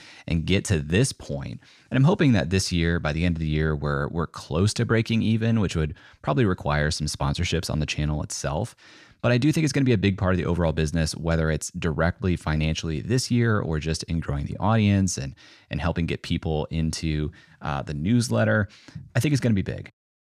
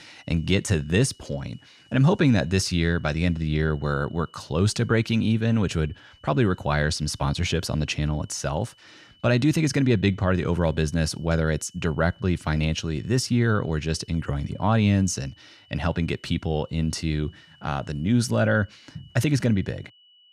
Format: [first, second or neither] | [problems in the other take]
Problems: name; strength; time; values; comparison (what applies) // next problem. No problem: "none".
first | high-pitched whine; faint; throughout; 3 kHz, 30 dB below the speech